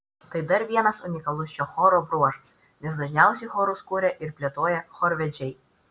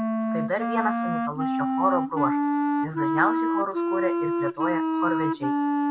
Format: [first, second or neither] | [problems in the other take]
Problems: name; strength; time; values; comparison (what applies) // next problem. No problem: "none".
first | background sound (Wind instrument, woodwind instrument); 5 dB above the speech